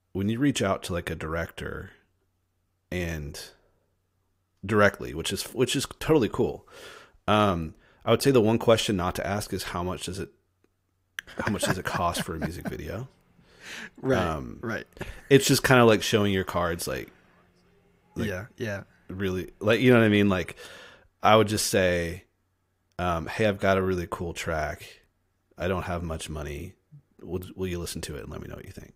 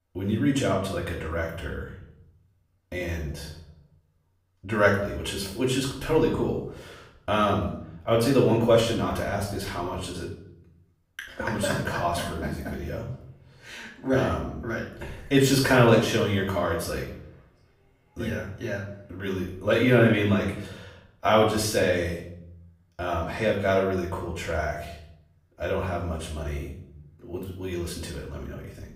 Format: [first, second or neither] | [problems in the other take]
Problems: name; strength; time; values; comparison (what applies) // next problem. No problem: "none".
first | off-mic speech; far // room echo; noticeable; dies away in 0.6 s